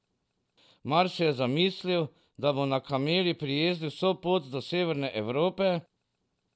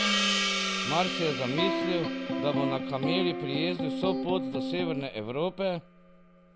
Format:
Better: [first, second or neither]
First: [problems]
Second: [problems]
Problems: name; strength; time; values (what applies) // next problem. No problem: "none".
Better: first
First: none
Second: background sound (Gong + Electric guitar); 1 dB above the speech